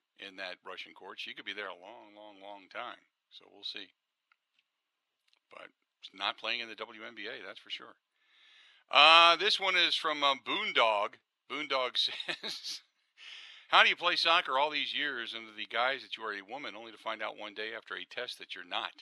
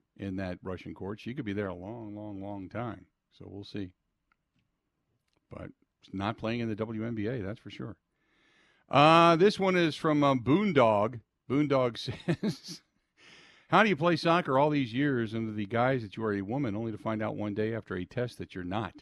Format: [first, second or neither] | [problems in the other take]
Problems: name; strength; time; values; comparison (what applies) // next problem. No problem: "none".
second | thin; very; fading below 850 Hz